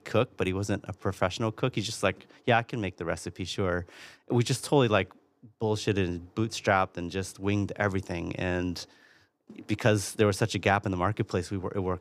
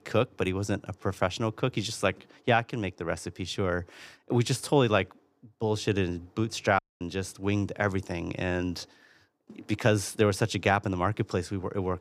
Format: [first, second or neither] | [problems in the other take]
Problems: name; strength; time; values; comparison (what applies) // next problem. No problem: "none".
first | audio cutting out; at 7 s